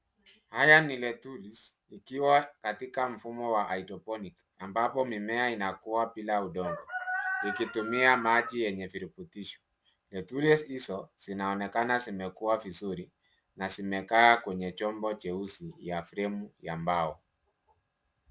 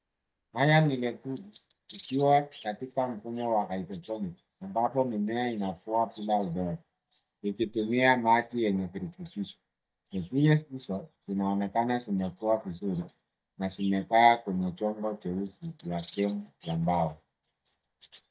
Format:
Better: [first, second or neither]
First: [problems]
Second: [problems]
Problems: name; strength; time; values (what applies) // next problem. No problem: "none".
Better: first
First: none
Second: noise reduction (neural mask model DeepFilterNet 3)